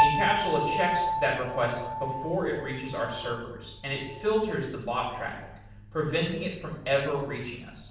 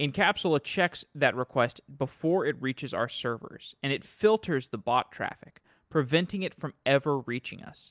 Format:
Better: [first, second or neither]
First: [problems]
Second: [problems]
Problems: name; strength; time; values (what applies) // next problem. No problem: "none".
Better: second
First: background sound (Piano); 3 dB below the speech // room echo; dies away in 0.7 s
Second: none